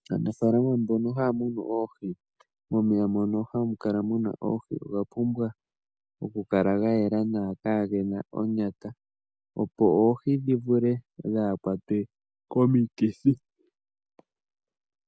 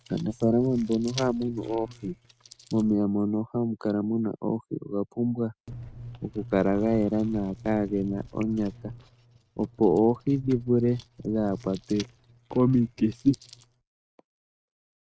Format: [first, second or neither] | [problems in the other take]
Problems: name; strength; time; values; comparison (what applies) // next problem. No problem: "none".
first | noise reduction (neural mask model RNNoise)